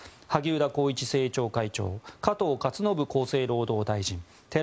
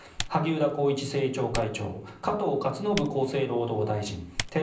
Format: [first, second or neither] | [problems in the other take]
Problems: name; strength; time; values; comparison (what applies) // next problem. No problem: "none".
first | background sound (Typing); 13 dB below the speech // room echo; dies away in 0.6 s